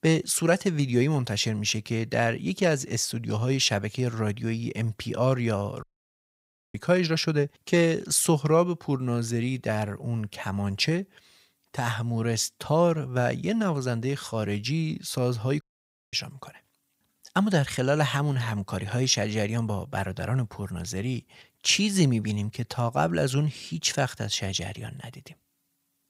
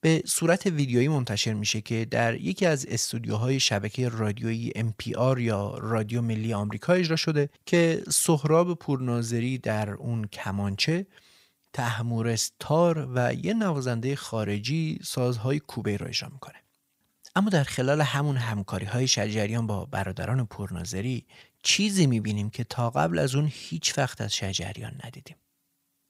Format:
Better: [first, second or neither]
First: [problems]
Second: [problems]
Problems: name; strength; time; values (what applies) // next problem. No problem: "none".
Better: second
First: audio cutting out; at 6 s for 1 s and at 16 s for 0.5 s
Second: none